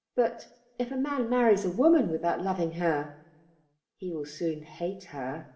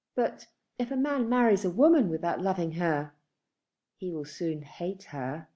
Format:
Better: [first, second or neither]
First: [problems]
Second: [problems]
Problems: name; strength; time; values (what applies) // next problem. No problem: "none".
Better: second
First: room echo; dies away in 0.8 s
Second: none